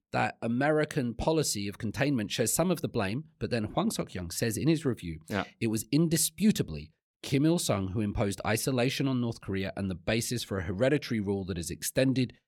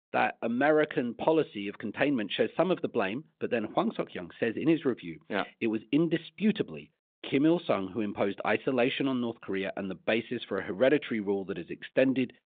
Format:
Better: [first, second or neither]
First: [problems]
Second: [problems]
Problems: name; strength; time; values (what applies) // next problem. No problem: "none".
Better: first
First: none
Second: phone-call audio; nothing above 3.5 kHz